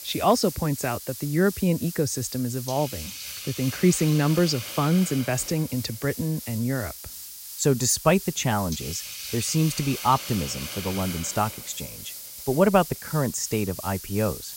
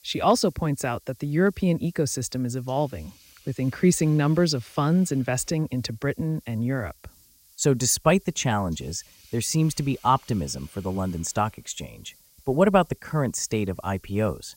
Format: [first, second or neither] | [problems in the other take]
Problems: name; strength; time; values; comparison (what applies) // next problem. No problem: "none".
second | hiss; loud; throughout; 10 dB below the speech; faint in the second